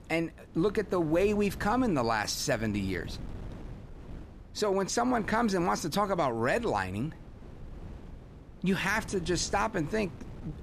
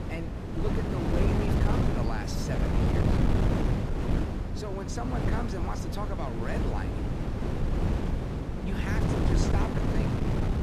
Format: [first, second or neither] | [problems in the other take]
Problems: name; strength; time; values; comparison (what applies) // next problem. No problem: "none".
first | wind noise on the microphone; heavy; 3 dB above the speech; occasional gusts in the first